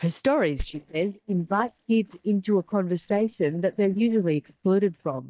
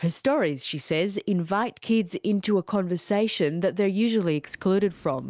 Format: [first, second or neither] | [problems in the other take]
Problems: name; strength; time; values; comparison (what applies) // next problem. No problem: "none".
second | noise reduction (neural mask model DeepFilterNet 3)